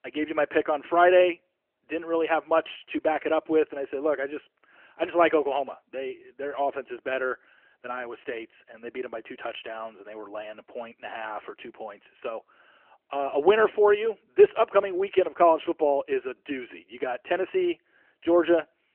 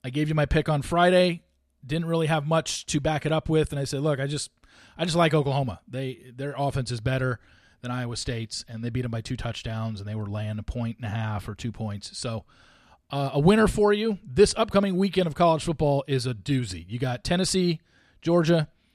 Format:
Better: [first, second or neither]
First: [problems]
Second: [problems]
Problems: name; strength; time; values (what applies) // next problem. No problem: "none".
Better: second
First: phone-call audio; nothing above 3 kHz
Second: none